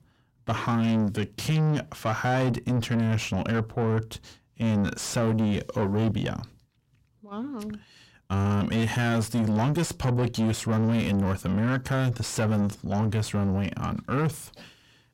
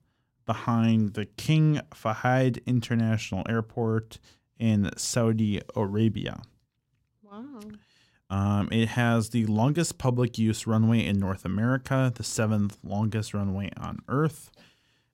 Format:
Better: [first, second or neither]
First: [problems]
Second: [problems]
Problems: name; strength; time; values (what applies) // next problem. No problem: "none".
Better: second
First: distortion; heavy; 8 dB below the speech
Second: none